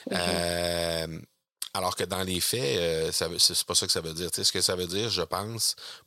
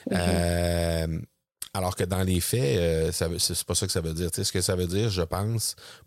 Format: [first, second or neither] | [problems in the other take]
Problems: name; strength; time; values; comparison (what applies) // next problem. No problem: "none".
second | thin; somewhat; fading below 350 Hz